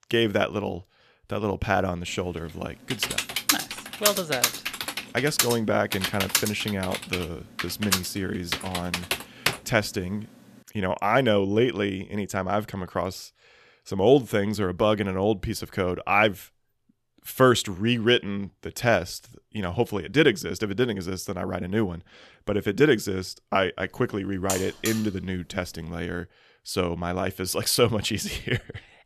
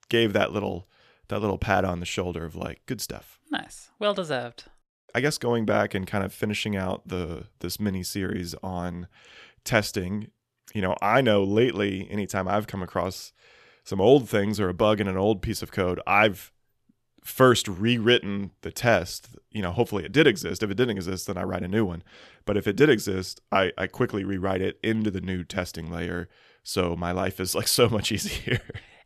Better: second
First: keyboard typing; loud; from 3 to 9.5 s; peak 2 dB above the speech // alarm; noticeable; at 24 s; peak 4 dB below the speech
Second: none

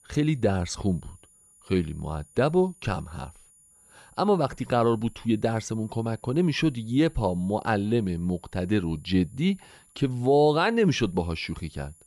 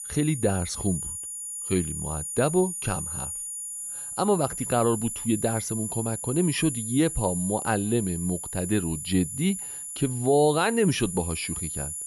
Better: first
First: high-pitched whine; faint; throughout; 10 kHz, 30 dB below the speech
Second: high-pitched whine; loud; throughout; 10 kHz, 5 dB below the speech

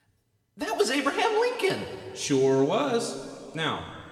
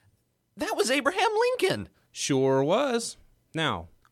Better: second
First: room echo; slight; dies away in 2 s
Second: none

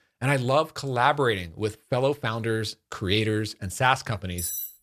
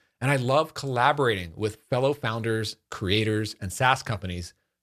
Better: second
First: clattering dishes; noticeable; at 4.5 s; peak 4 dB below the speech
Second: none

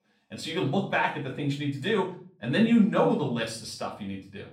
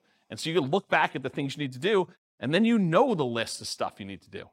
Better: second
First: off-mic speech; far // room echo; slight; dies away in 0.4 s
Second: none

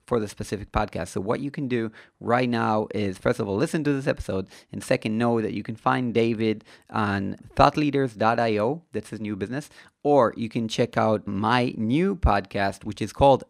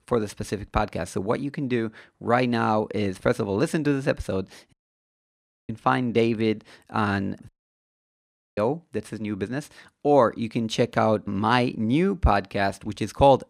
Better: first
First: none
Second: audio cutting out; at 4.5 s for 1 s and at 7.5 s for 1 s

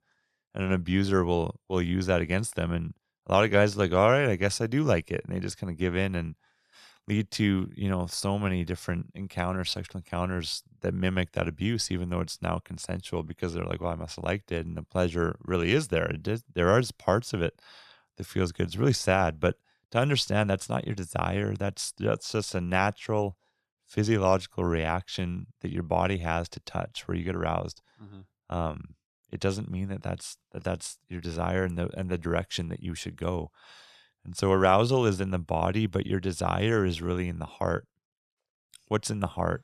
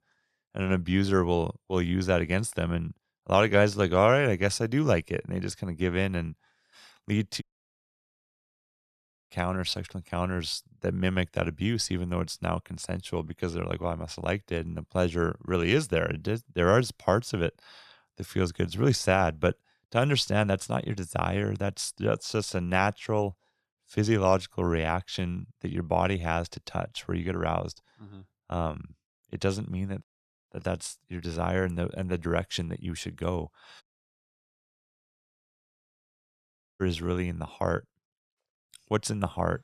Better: first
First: none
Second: audio cutting out; at 7.5 s for 2 s, at 30 s and at 34 s for 3 s

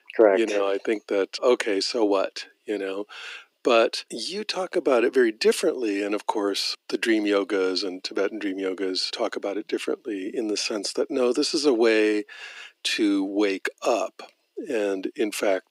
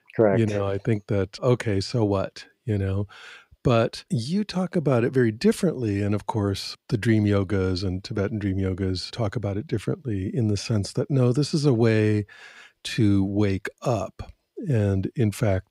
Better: second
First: thin; somewhat; fading below 300 Hz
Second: none

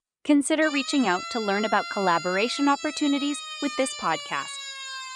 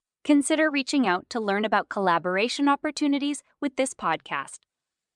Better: second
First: siren; noticeable; from 0.5 s on; peak 8 dB below the speech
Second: none

